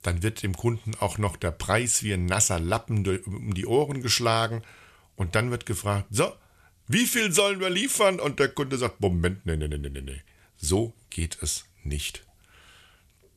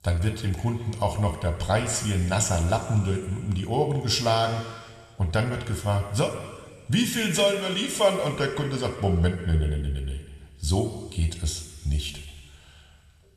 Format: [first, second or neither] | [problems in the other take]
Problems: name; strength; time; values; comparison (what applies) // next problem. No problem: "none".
first | room echo; noticeable; dies away in 1.8 s